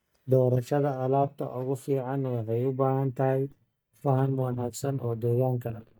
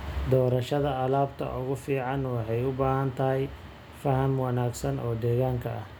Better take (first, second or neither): second